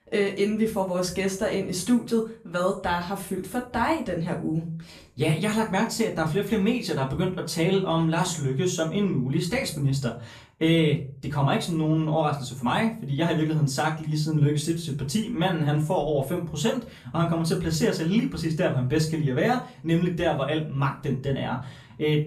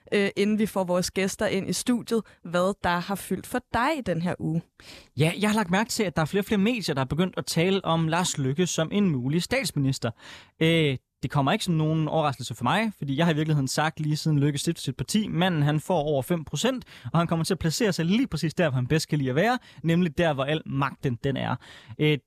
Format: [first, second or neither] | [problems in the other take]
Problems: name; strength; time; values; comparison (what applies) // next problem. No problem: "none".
second | room echo; slight; dies away in 0.4 s // off-mic speech; far